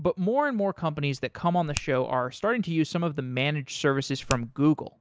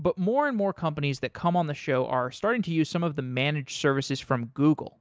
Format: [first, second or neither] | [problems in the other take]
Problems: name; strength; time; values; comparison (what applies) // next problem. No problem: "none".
second | background sound (Finger snapping); 12 dB below the speech